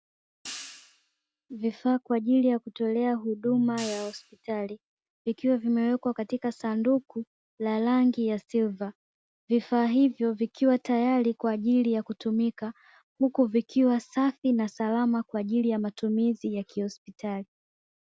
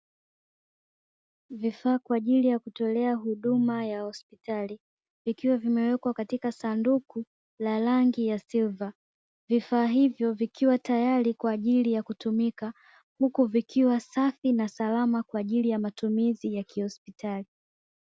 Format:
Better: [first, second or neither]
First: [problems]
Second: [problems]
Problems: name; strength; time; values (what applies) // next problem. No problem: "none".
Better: second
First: background sound (Hi-hat); 19 dB below the speech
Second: none